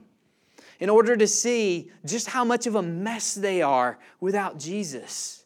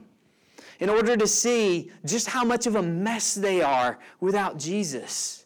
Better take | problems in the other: first | distortion; heavy; 8 dB below the speech

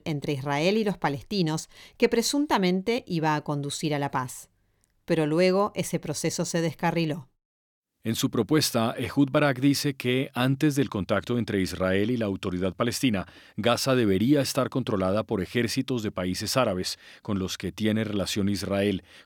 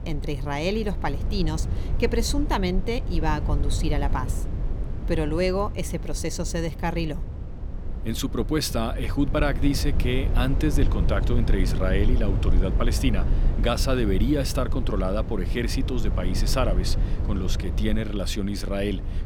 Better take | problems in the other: first | low rumble; noticeable; throughout; 10 dB below the speech

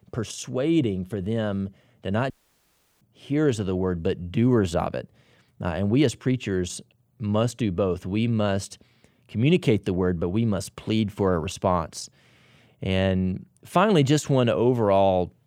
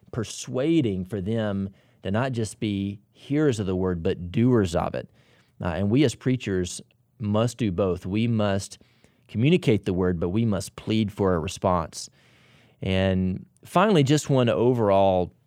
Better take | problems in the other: second | audio cutting out; at 2.5 s for 0.5 s

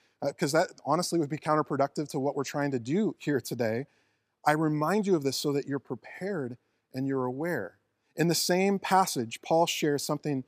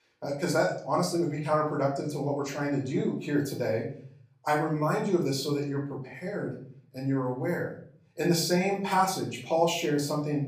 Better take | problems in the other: first | off-mic speech; far // room echo; slight; dies away in 0.5 s

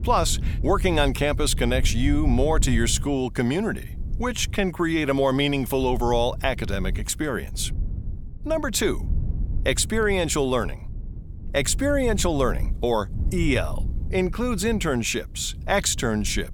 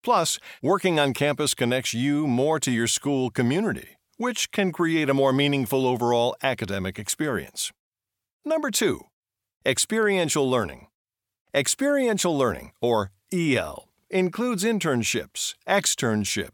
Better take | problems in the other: second | low rumble; faint; throughout; 20 dB below the speech

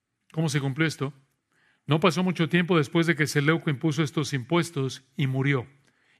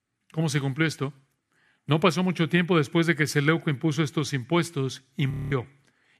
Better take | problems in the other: first | audio freezing; at 5.5 s

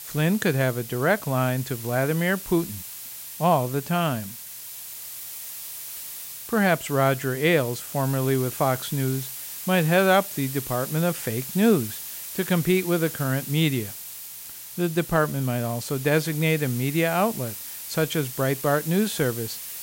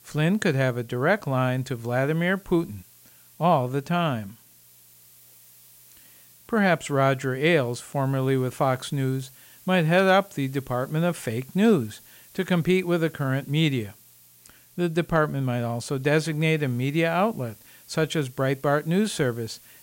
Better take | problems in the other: second | hiss; loud; throughout; 10 dB below the speech; faint in the second

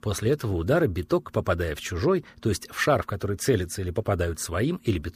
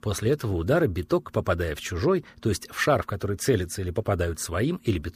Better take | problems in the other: neither | none

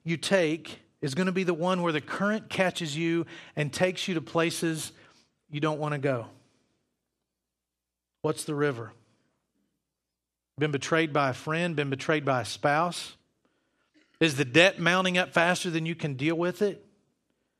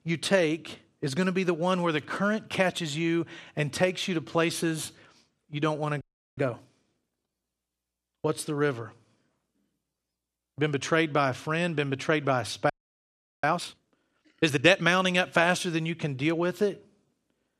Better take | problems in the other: first | audio freezing; at 6 s and at 13 s for 0.5 s

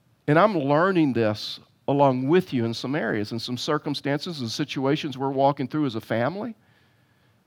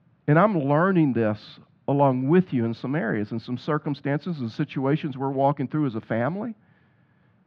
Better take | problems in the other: first | muffled; slightly; fading above 2 kHz

